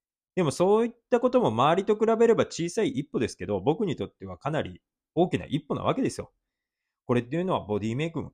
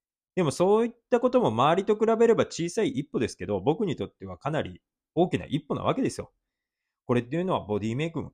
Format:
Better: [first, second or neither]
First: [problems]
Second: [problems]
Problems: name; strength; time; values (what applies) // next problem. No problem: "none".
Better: neither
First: none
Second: none